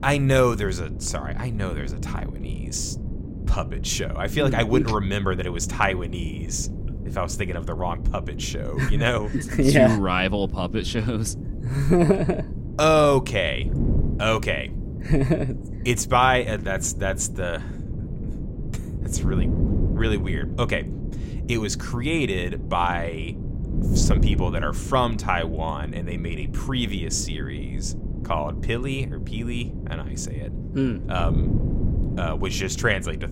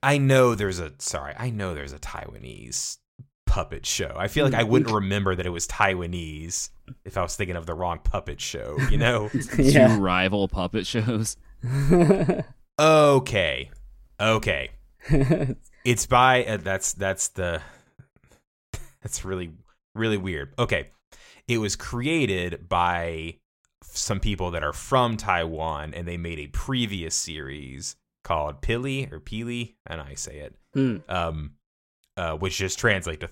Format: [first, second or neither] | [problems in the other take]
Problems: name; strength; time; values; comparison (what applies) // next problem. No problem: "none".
second | wind noise on the microphone; occasional gusts; 15 dB below the speech